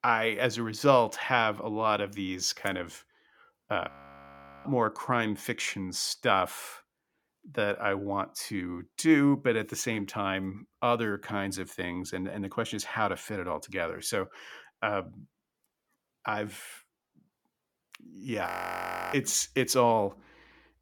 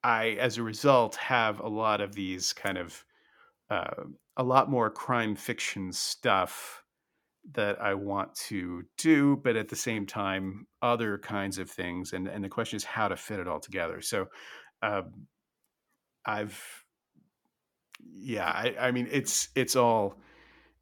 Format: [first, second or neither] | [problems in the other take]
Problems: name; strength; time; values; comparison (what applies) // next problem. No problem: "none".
second | audio freezing; at 4 s for 1 s and at 18 s for 0.5 s